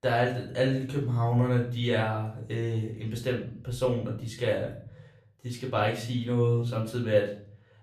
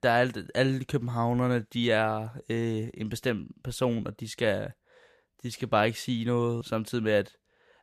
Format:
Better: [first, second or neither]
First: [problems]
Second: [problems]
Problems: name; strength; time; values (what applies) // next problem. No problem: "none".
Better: second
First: off-mic speech; far // room echo; slight; dies away in 0.6 s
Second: none